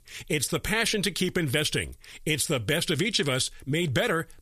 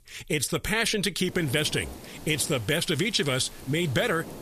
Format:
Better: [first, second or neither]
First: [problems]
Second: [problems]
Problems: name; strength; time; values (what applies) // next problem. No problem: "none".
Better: first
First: none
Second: hiss; noticeable; from 1.5 s on; 15 dB below the speech